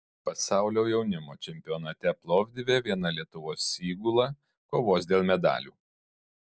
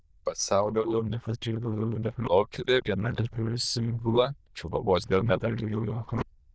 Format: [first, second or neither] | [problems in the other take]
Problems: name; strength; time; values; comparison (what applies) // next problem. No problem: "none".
first | noise reduction (neural diffusion model UNIVERSE++)